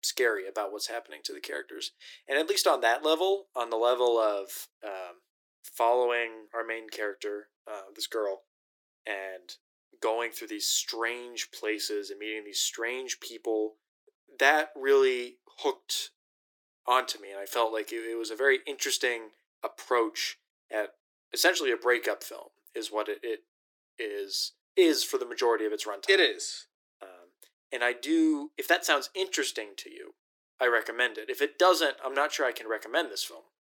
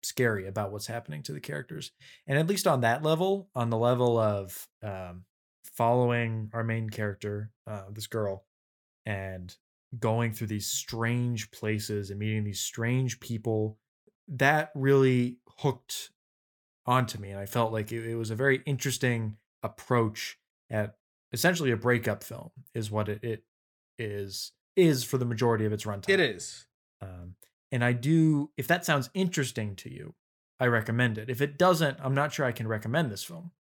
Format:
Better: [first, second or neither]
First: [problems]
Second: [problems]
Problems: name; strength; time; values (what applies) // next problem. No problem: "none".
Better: second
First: thin; very; fading below 300 Hz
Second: none